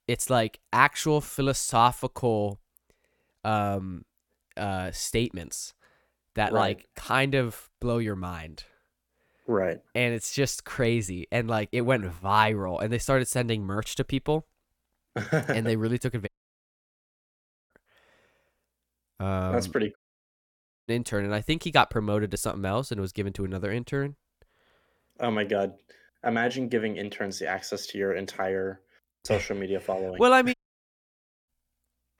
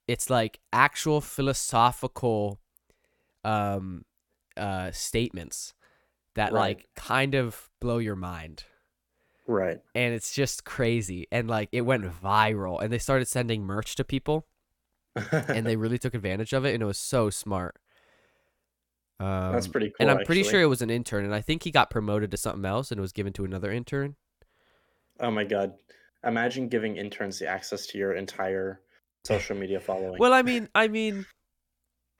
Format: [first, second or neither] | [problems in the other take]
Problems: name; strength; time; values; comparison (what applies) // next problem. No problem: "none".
second | audio cutting out; at 16 s for 1.5 s, at 20 s for 1 s and at 31 s for 1 s